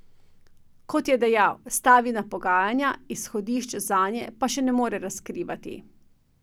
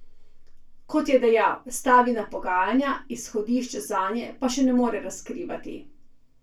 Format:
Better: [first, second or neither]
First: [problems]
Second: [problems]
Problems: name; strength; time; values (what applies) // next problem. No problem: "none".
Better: first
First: none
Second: room echo; dies away in 0.2 s